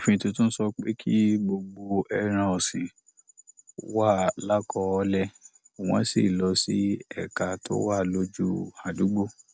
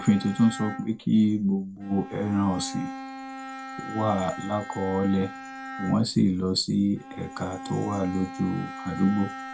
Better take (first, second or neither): first